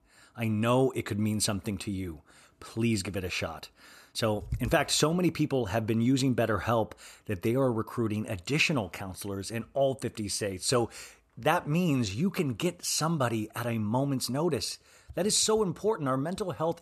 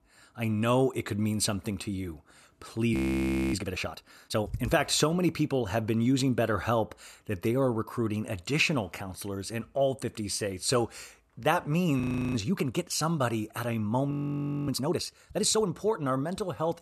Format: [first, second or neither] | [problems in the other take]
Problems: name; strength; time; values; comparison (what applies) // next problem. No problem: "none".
first | audio freezing; at 3 s for 0.5 s, at 12 s and at 14 s for 0.5 s